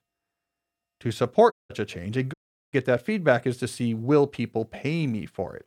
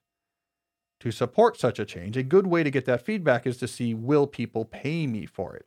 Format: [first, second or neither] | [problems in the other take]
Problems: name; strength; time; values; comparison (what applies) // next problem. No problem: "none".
second | audio cutting out; at 1.5 s and at 2.5 s